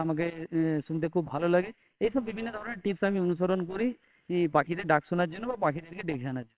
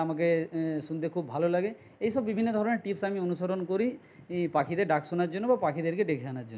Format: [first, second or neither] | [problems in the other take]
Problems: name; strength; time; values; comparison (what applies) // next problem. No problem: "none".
second | noise reduction (neural separator model SepFormer WHAMR!)